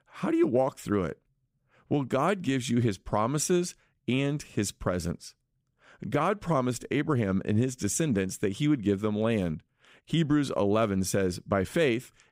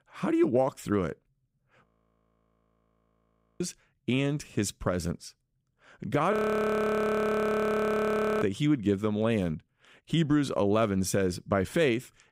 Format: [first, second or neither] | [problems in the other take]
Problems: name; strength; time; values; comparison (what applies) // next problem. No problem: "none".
first | audio freezing; at 2 s for 2 s and at 6.5 s for 2 s